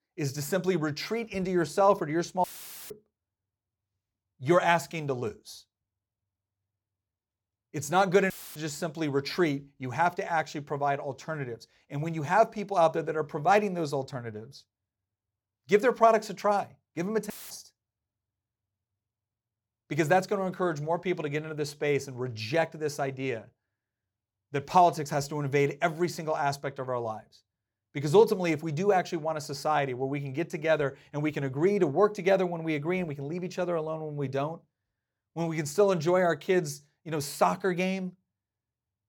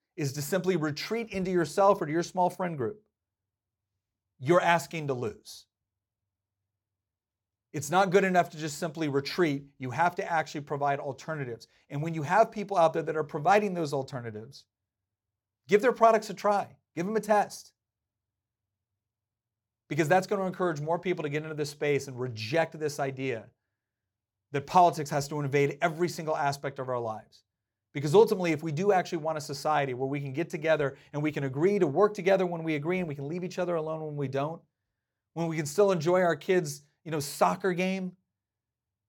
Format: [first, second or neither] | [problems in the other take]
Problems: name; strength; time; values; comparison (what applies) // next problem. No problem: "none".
second | audio cutting out; filled with static; at 2.5 s, at 8.5 s and at 17 s